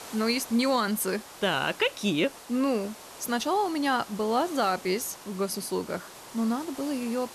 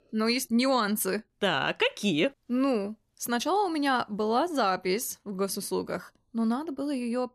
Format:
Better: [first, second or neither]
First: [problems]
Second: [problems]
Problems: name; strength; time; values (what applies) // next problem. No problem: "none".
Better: second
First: hiss; noticeable; throughout; 15 dB below the speech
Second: none